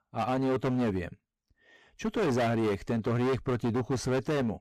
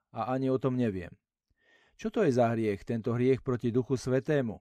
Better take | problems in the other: second | distortion; heavy; 22% of the sound clipped

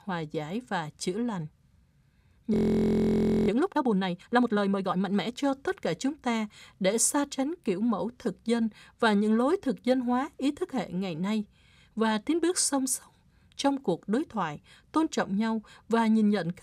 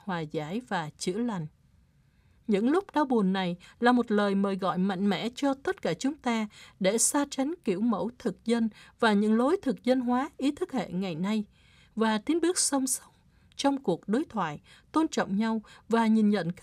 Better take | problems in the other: second | audio freezing; at 2.5 s for 1 s

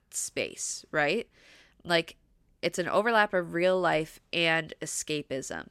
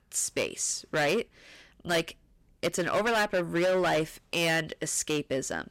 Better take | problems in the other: first | distortion; heavy; 11% of the sound clipped

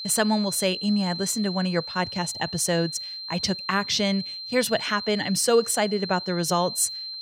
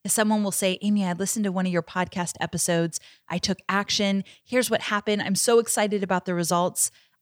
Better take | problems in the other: second | high-pitched whine; loud; throughout; 4 kHz, 7 dB below the speech

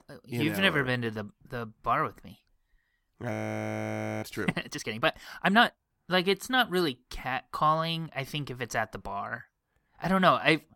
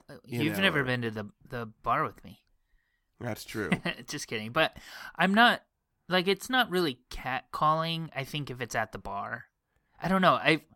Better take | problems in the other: second | audio freezing; at 3.5 s for 1 s

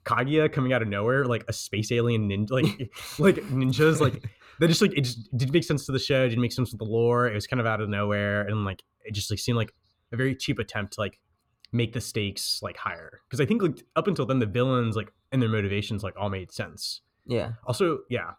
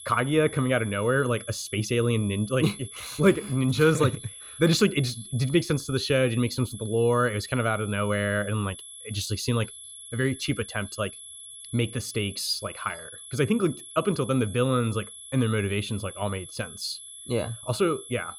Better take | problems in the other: first | high-pitched whine; noticeable; throughout; 11 kHz, 15 dB below the speech

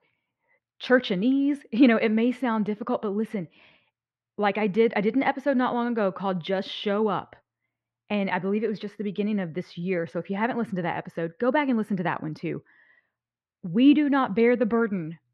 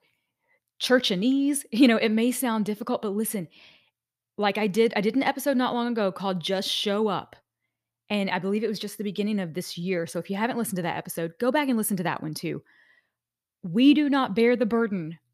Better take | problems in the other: second | muffled; slightly; fading above 2 kHz

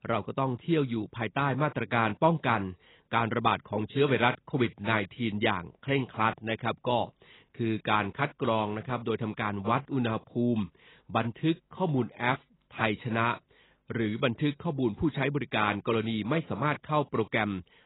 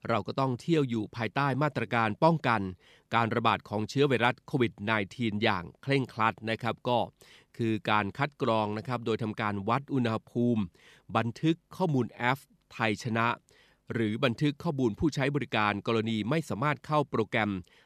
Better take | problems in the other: second | garbled, watery; badly; nothing above 4 kHz

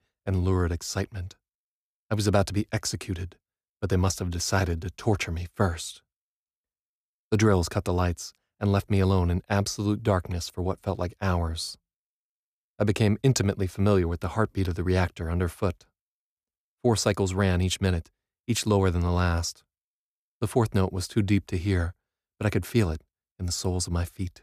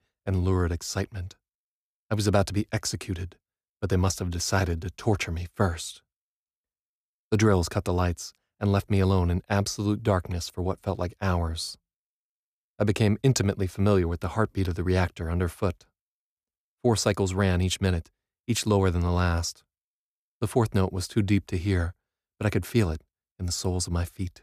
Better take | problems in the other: neither | none

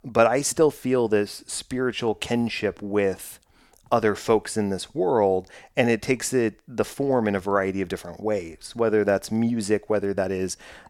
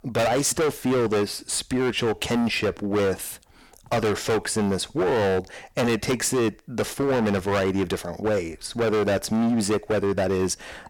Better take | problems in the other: first | distortion; heavy; 22% of the sound clipped

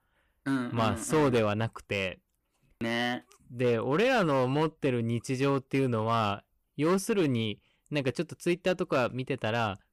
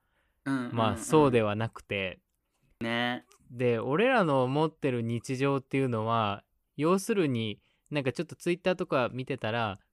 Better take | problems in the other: second | distortion; slight; 5% of the sound clipped

